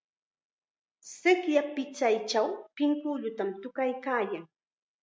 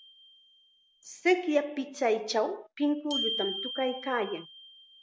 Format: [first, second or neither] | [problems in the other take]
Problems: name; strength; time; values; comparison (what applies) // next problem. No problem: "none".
first | background sound (Glockenspiel); 10 dB below the speech